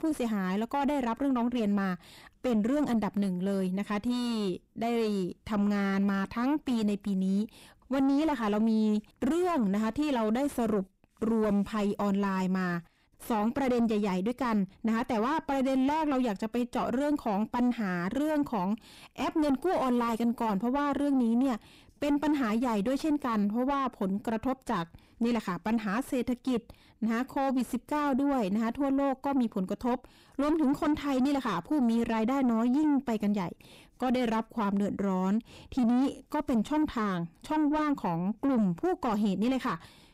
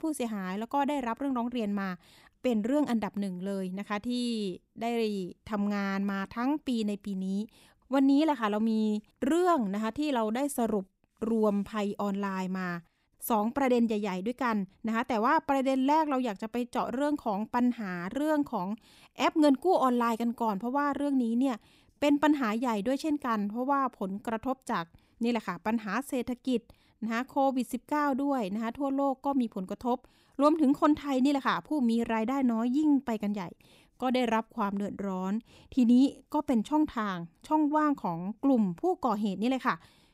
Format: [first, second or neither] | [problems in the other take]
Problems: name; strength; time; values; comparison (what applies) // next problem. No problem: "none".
second | distortion; heavy; 7 dB below the speech